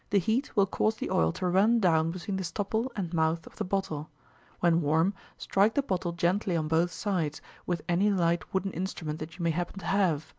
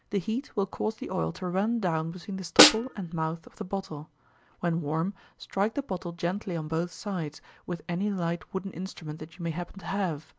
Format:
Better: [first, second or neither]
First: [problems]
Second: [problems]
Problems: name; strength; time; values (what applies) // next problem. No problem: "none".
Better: first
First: none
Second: background sound (Snare drum); 5 dB above the speech